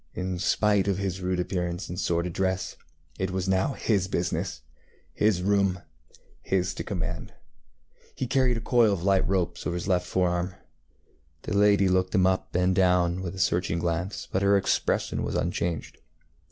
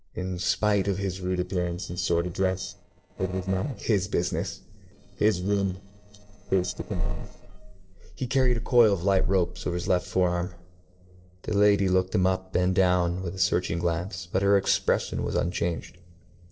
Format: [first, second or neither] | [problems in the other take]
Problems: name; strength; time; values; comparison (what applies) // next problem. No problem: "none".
first | noise reduction (neural separator model SepFormer DNS4)